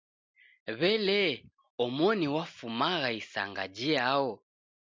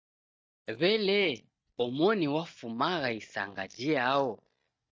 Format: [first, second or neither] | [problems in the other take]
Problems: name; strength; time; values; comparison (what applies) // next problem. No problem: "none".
first | noise reduction (neural mask model DeepFilterNet 3)